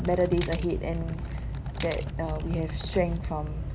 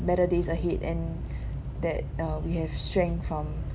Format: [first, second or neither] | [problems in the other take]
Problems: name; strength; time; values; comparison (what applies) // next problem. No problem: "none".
second | background sound (Typing + Camera); 12 dB below the speech